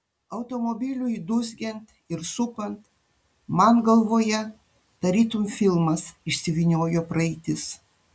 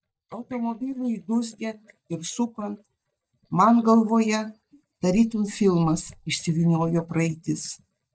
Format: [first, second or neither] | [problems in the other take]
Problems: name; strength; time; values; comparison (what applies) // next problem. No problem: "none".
first | noise reduction (neural mask model DeepFilterNet 3)